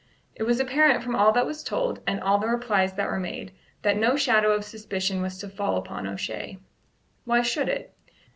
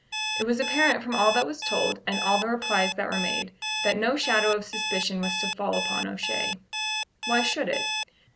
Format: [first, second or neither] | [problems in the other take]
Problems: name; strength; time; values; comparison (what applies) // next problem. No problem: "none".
first | background sound (Alarm); 3 dB below the speech